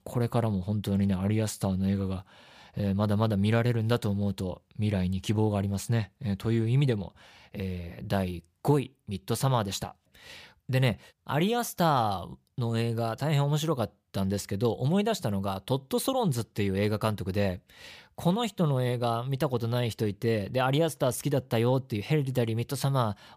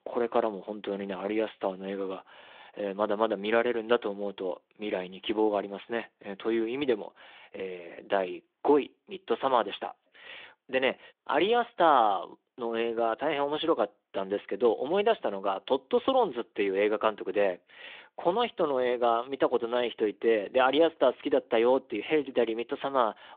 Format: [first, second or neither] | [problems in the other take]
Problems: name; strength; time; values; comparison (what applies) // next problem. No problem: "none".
first | phone-call audio